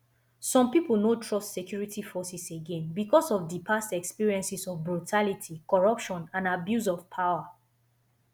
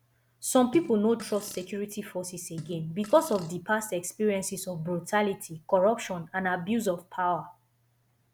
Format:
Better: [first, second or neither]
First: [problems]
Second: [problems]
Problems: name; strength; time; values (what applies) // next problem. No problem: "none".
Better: first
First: none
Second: background sound (Fart); 18 dB below the speech